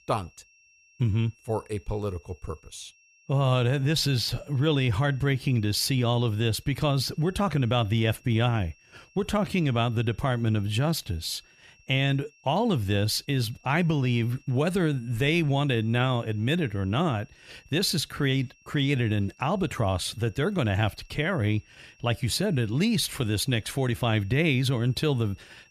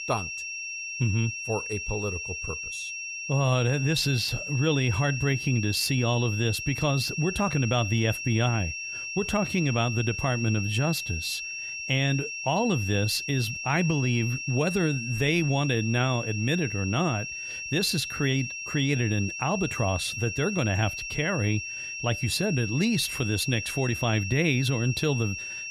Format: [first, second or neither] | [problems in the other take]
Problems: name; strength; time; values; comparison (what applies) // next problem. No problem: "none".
first | high-pitched whine; loud; throughout; 2.5 kHz, 6 dB below the speech; faint in the first